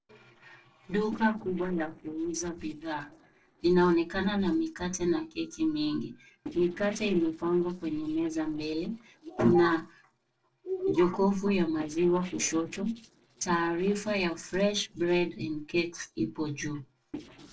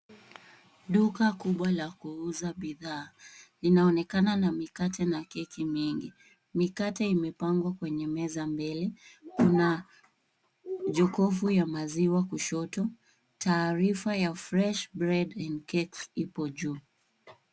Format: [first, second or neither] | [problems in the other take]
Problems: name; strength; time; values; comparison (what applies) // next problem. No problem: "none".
second | noise reduction (neural separator model SepFormer DNS4)